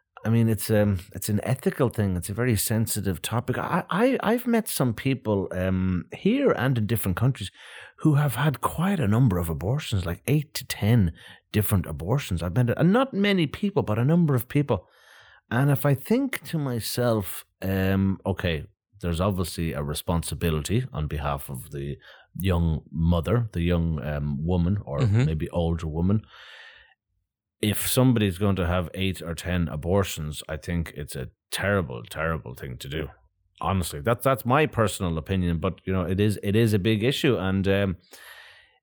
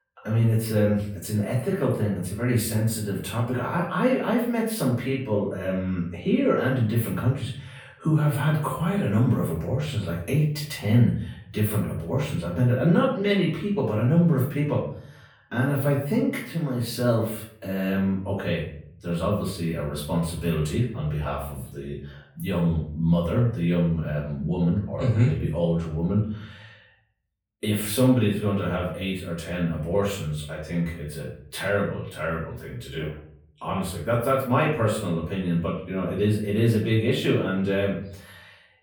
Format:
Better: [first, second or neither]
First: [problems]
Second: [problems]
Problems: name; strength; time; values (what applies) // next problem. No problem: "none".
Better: first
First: none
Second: room echo; noticeable; dies away in 0.5 s // off-mic speech; far